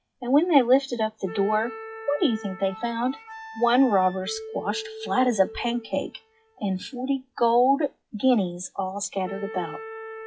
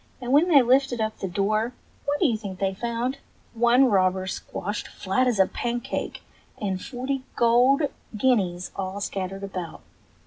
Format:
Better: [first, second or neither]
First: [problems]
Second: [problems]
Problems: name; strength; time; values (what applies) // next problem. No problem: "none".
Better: second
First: noise reduction (classical method log-MMSE)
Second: none